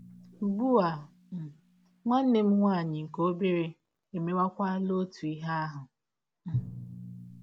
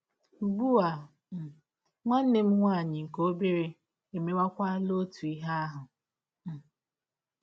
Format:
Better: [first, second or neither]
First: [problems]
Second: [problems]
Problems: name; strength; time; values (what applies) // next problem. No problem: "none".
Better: second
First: background sound (Drum); 15 dB below the speech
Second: none